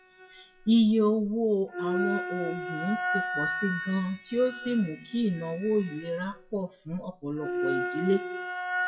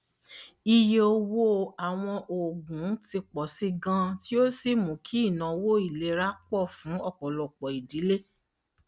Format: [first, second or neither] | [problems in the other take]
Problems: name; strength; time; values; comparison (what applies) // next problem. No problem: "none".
second | noise reduction (classical method WPE with log-MMSE)